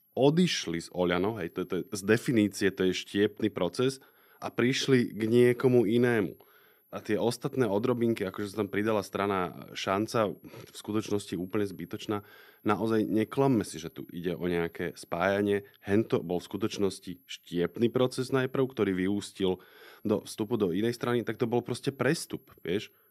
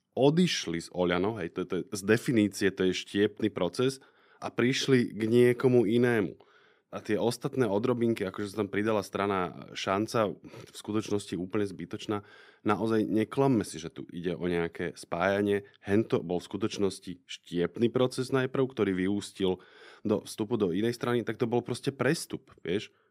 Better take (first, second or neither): second